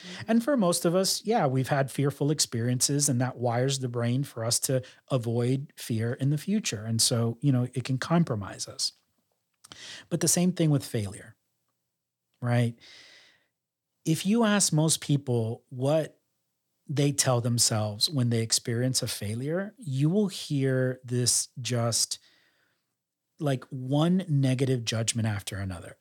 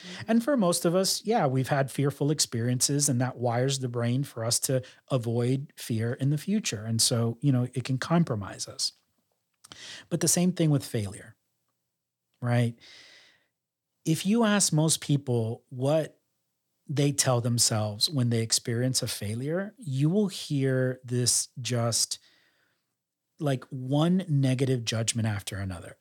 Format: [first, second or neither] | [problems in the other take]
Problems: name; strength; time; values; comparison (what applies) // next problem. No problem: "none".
neither | none